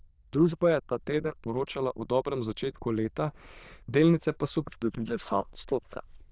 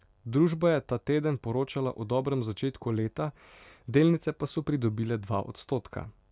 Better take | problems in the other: second | noise reduction (neural diffusion model UNIVERSE++)

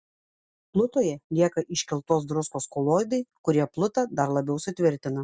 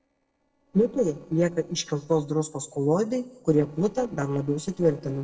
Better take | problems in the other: first | noise reduction (neural separator model SepFormer DNS4)

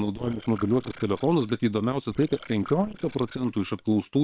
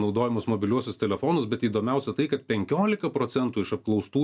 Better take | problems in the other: second | noise reduction (neural separator model SepFormer WHAM!)

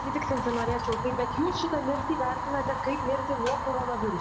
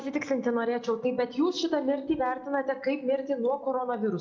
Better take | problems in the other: second | background sound (Fire); 1 dB below the speech

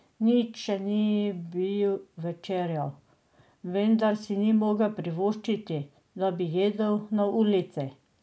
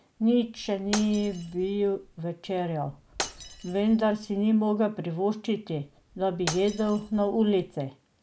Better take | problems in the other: first | background sound (Shatter); 14 dB below the speech

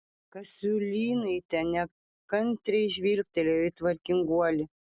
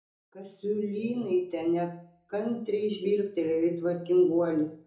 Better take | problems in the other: first | room echo; dies away in 0.6 s

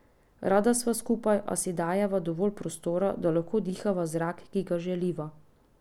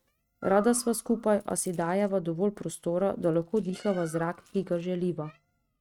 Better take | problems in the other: first | noise reduction (neural mask model RNNoise)

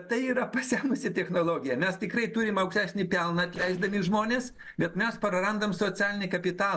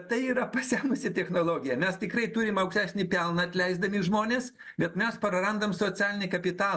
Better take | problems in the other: second | noise reduction (neural separator model SepFormer DNS4)

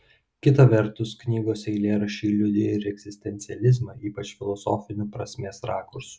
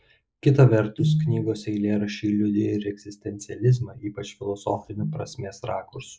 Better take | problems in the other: first | noise reduction (neural mask model Resemble Enhance denoiser)

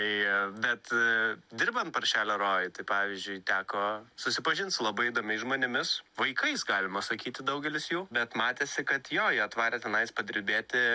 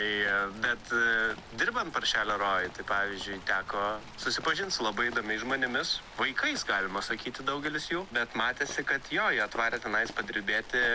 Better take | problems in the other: first | background sound (Rain); 16 dB below the speech

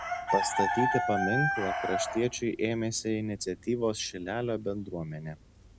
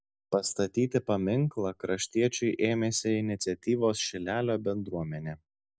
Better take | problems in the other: second | background sound (Chicken, rooster); 2 dB below the speech

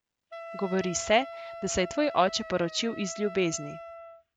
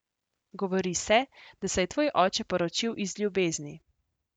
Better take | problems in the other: second | background sound (Wind instrument, woodwind instrument); 13 dB below the speech

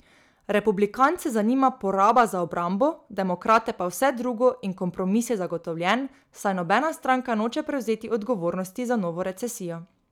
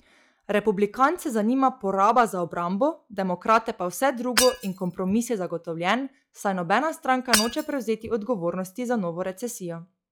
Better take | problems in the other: first | noise reduction (classical method log-MMSE)

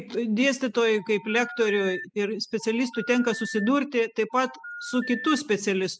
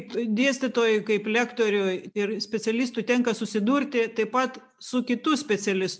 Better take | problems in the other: second | noise reduction (classical method spectral subtraction)

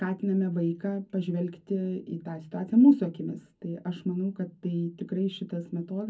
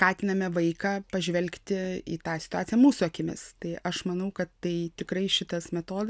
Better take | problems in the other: second | room echo; dies away in 0.4 s

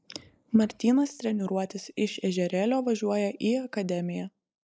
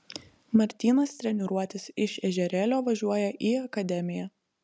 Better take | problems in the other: second | noise reduction (neural mask model Resemble Enhance denoiser)

